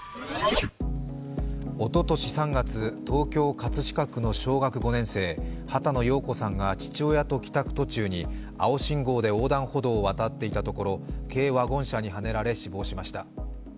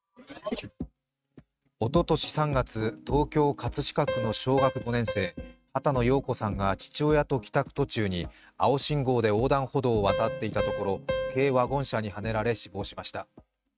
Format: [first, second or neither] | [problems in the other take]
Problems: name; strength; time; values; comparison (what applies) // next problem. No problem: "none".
first | noise reduction (neural mask model RNNoise)